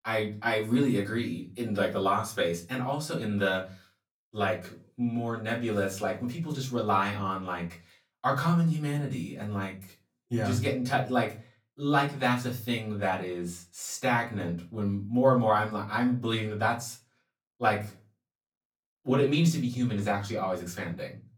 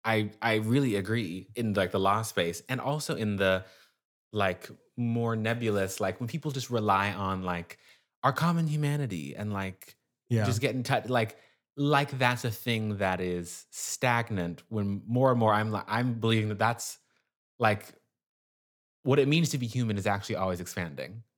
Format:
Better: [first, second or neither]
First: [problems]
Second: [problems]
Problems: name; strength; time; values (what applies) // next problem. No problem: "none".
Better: second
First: off-mic speech; far // room echo; very slight; dies away in 0.2 s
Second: none